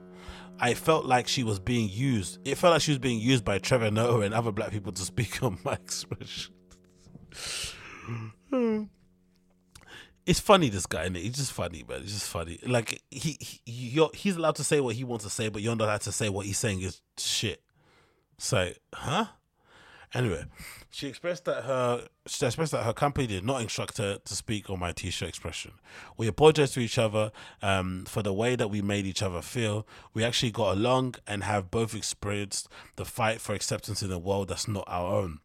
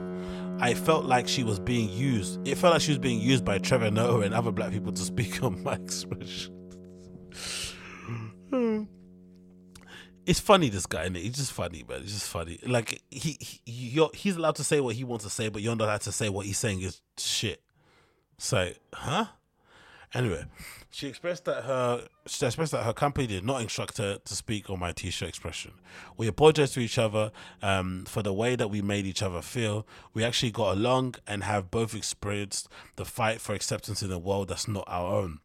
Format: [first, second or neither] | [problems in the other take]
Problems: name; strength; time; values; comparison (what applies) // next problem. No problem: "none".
first | background music; loud; throughout; 8 dB below the speech; faint in the first